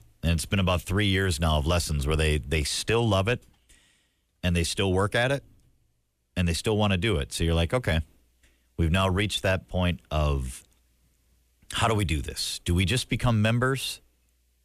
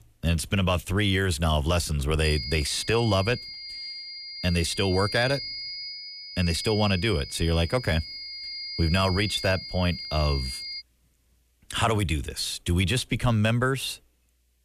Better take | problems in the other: first | high-pitched whine; loud; from 2 to 11 s; 5 kHz, 8 dB below the speech

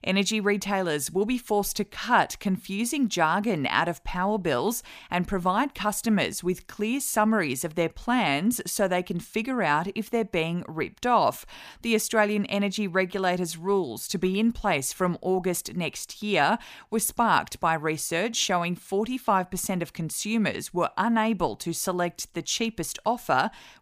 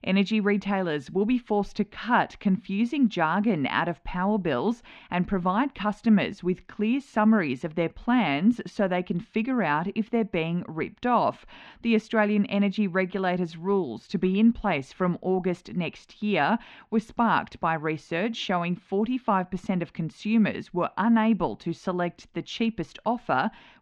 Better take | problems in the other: first | muffled; slightly; fading above 3.5 kHz

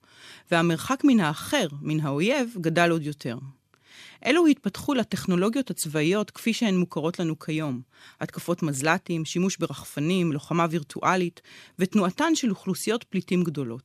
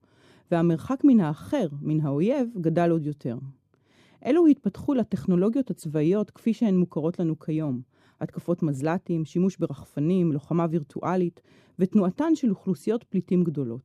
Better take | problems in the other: first | muffled; slightly; fading above 1 kHz

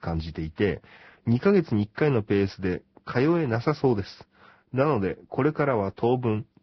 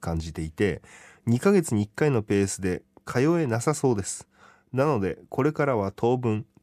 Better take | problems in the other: second | garbled, watery; badly; nothing above 5.5 kHz

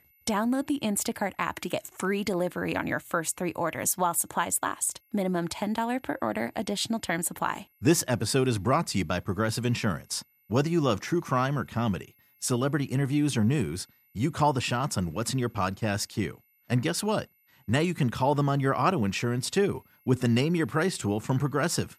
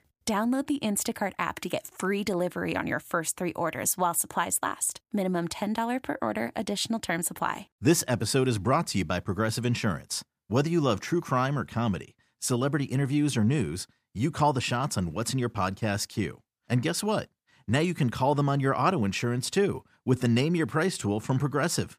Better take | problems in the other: second | high-pitched whine; faint; throughout; 12 kHz, 35 dB below the speech

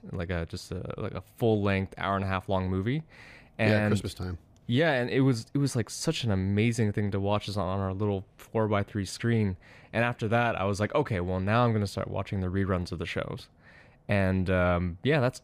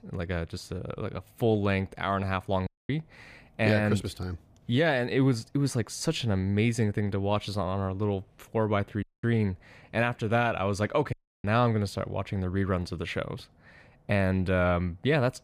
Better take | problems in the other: first | audio cutting out; at 2.5 s, at 9 s and at 11 s

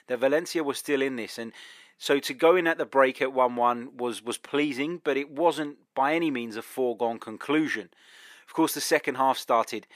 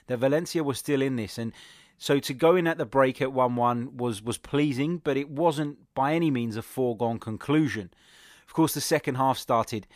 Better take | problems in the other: second | thin; very slightly; fading below 350 Hz

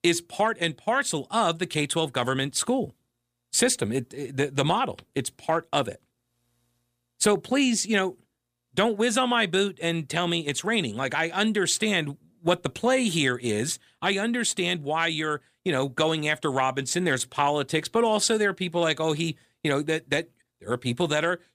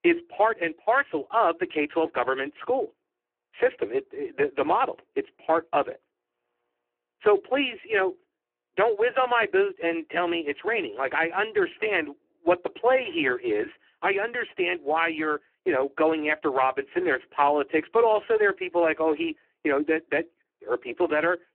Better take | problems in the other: first | phone-call audio; poor line

